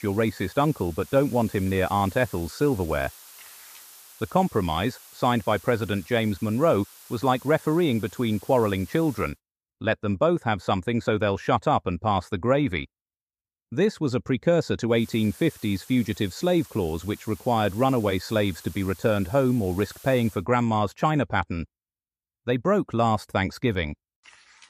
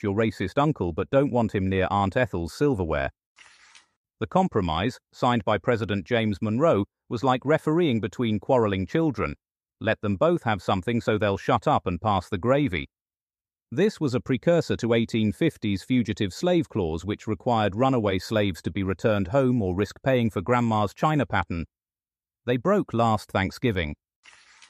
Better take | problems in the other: second | hiss; faint; until 9.5 s and from 15 to 20 s; 20 dB below the speech

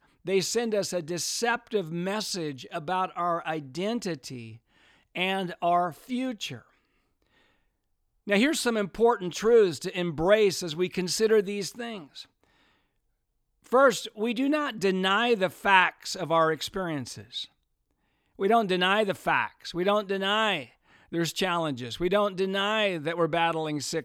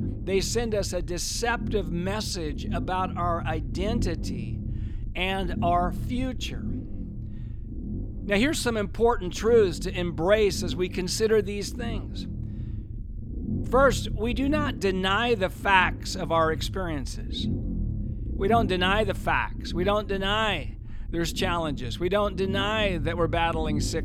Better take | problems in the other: first | low rumble; noticeable; throughout; 20 dB below the speech

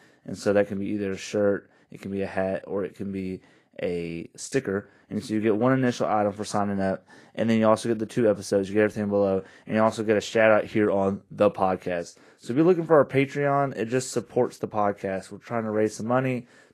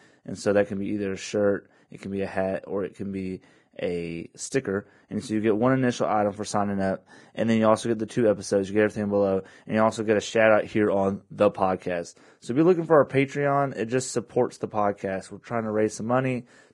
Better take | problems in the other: first | garbled, watery; badly; nothing above 10 kHz; slightly in the first

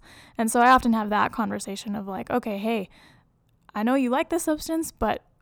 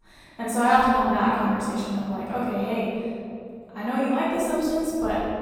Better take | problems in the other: first | off-mic speech; far // room echo; strong; dies away in 2.3 s

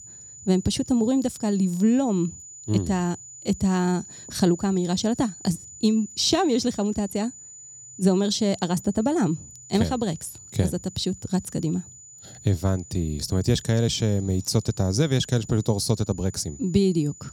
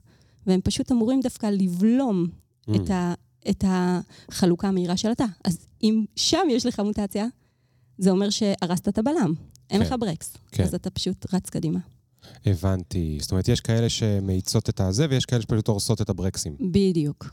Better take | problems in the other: second | high-pitched whine; noticeable; throughout; 7 kHz, 15 dB below the speech

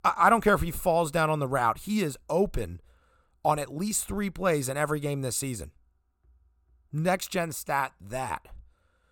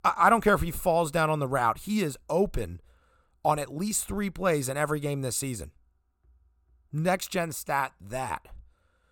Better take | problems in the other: neither | none

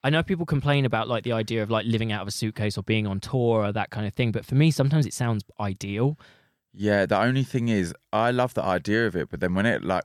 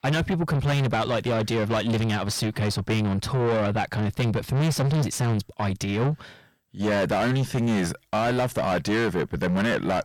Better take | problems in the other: first | distortion; heavy; 5 dB below the speech

